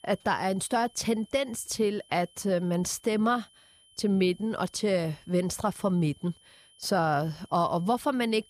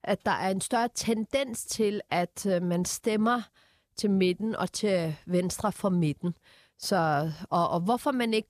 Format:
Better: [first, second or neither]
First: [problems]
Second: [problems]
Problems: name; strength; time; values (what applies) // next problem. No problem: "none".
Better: second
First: high-pitched whine; faint; throughout; 3 kHz, 30 dB below the speech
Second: none